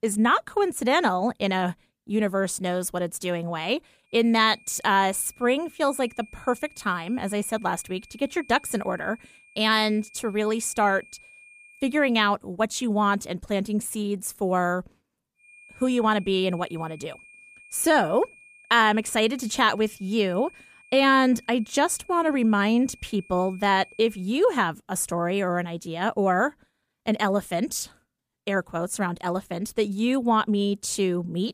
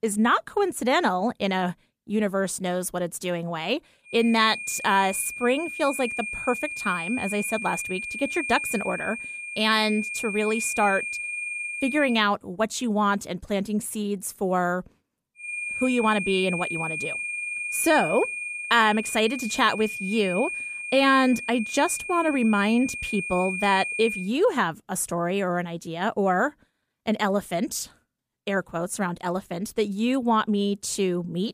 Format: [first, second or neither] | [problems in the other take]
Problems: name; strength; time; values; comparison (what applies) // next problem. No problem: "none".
first | high-pitched whine; loud; from 4 to 12 s and from 15 to 24 s; 2.5 kHz, 5 dB below the speech; faint in the first